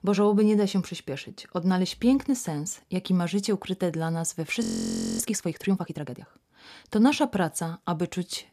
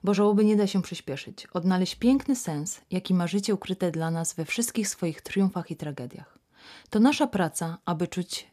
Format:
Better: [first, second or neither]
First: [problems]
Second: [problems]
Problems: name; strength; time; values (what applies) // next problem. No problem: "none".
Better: second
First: audio freezing; at 4.5 s for 0.5 s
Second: none